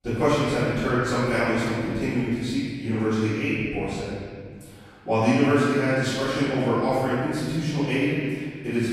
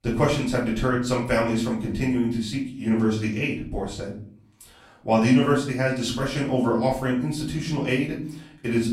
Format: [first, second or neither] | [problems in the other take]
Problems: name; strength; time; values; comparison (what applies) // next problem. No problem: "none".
second | room echo; strong; dies away in 1.9 s; slight in the second // off-mic speech; far; far in the second